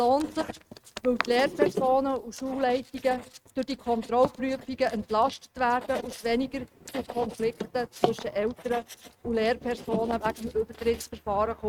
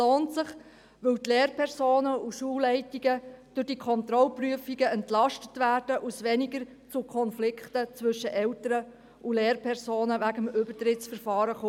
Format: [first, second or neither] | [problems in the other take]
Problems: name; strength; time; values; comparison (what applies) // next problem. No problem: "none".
second | noise reduction (neural mask model RNNoise)